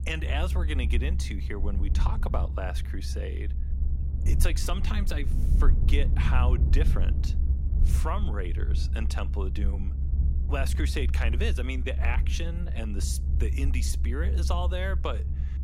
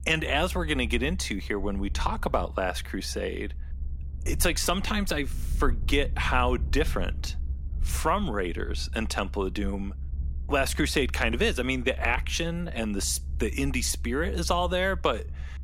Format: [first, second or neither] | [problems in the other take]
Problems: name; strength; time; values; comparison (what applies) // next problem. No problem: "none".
second | low rumble; loud; throughout; 10 dB below the speech; faint in the second